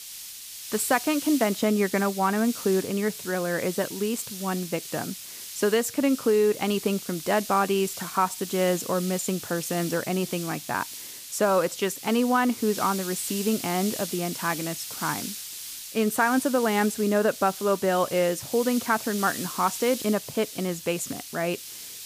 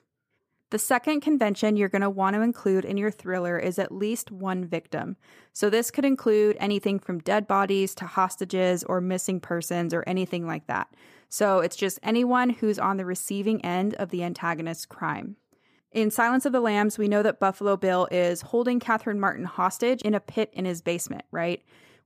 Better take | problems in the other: second | hiss; loud; throughout; 9 dB below the speech

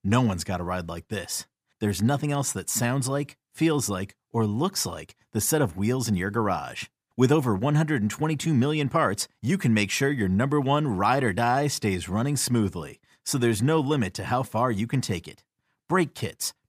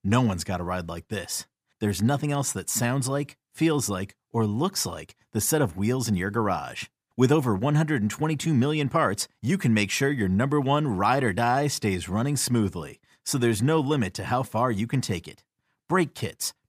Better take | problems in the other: neither | none

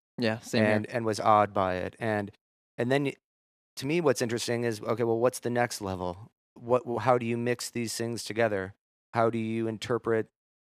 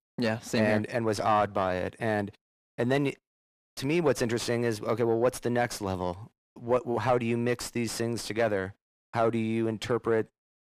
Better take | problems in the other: first | distortion; slight; 10 dB below the speech

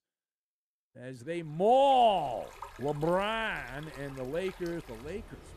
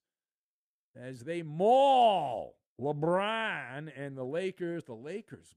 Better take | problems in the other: second | rain or running water; faint; from 1.5 s on; 20 dB below the speech

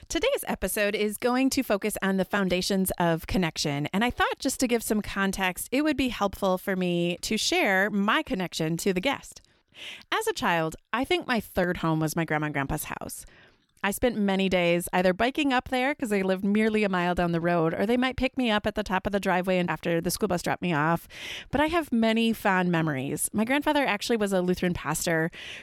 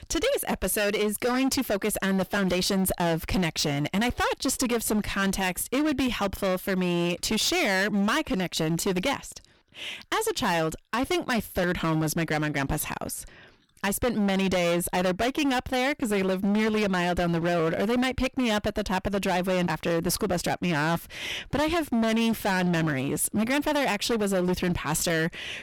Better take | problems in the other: first | distortion; heavy; 20% of the sound clipped

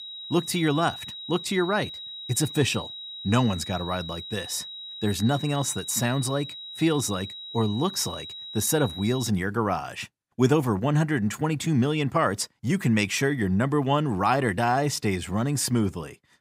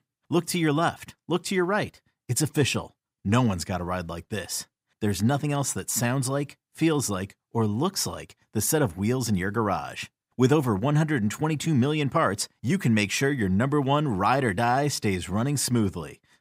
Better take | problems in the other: second | high-pitched whine; noticeable; until 9.5 s; 4 kHz, 10 dB below the speech

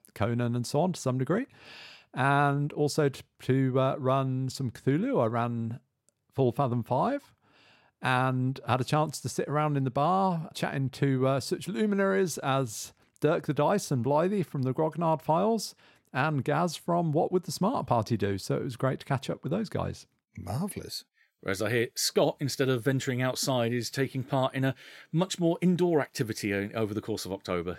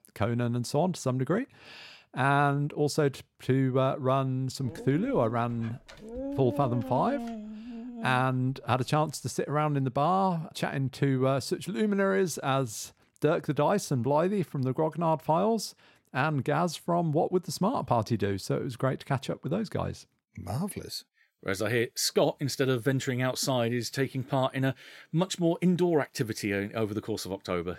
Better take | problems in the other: first | dog barking; noticeable; from 4.5 to 8 s; peak 7 dB below the speech

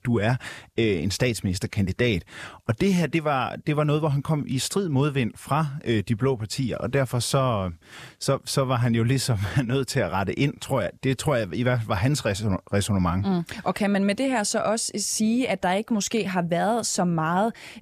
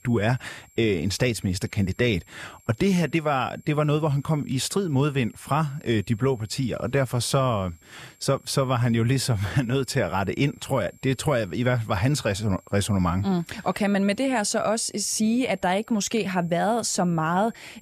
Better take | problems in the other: first | high-pitched whine; faint; throughout; 7.5 kHz, 30 dB below the speech

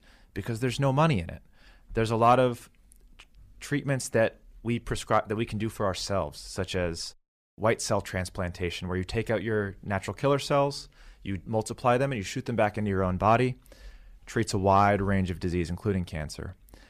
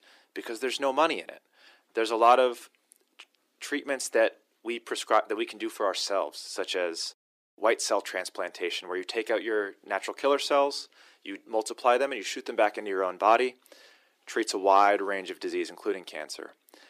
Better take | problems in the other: first | thin; very; fading below 300 Hz

